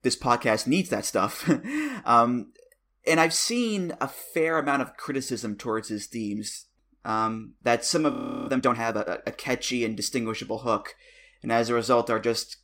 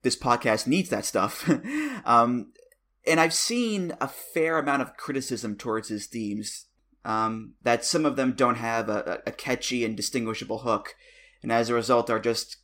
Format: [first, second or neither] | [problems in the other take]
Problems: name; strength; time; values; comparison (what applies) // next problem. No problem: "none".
second | audio freezing; at 8 s